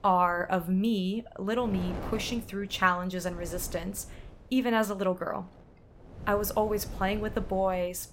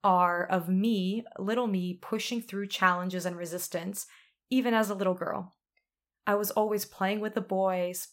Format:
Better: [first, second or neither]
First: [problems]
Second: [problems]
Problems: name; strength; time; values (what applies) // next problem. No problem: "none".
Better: second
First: wind noise on the microphone; occasional gusts; 20 dB below the speech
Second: none